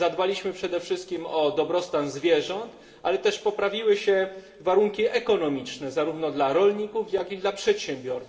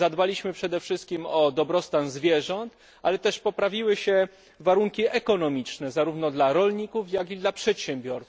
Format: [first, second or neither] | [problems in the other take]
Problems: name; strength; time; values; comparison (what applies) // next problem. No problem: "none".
second | room echo; dies away in 2.6 s